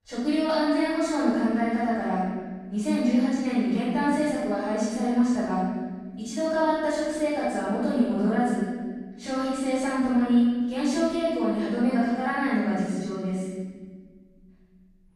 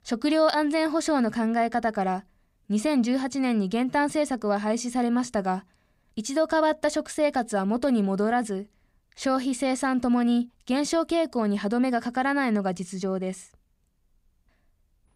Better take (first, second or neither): second